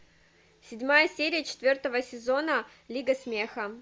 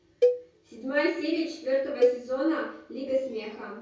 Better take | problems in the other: first | background sound (Cowbell); as loud as the speech // room echo; dies away in 0.6 s

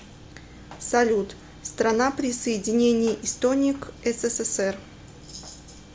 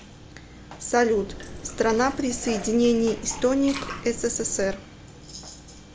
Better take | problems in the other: first | background sound (Liquid); 12 dB below the speech

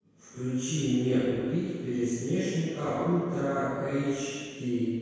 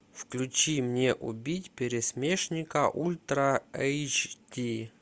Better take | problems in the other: second | room echo; dies away in 1.9 s

